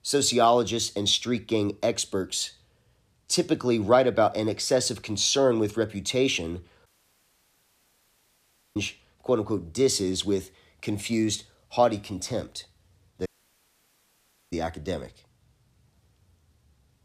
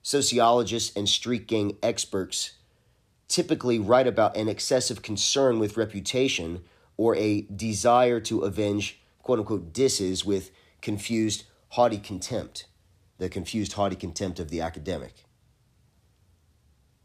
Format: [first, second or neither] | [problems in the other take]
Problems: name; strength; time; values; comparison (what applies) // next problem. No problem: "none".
second | audio cutting out; at 7 s for 2 s and at 13 s for 1.5 s